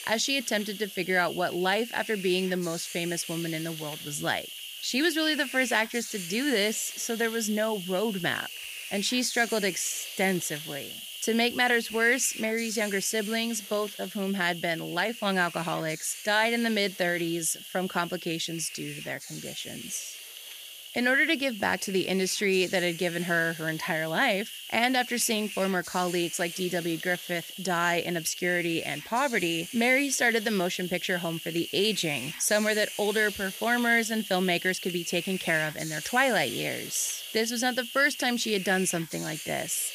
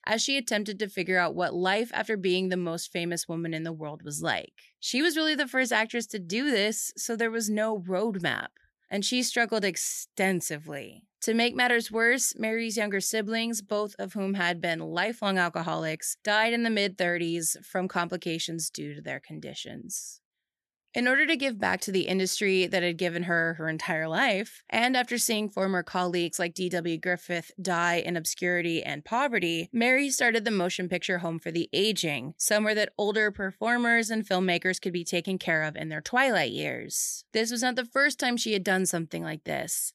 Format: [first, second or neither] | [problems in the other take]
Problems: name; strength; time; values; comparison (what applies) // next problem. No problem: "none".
second | hiss; noticeable; throughout; 10 dB below the speech